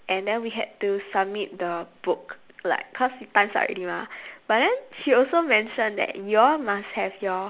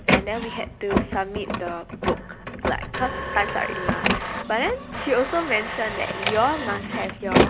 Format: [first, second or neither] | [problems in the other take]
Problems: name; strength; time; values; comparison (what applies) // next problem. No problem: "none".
first | background sound (Printer); 1 dB above the speech